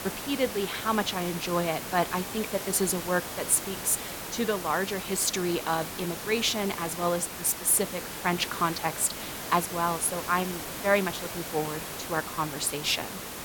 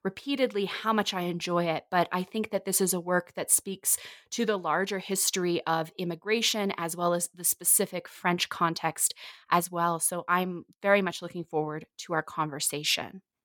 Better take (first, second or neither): second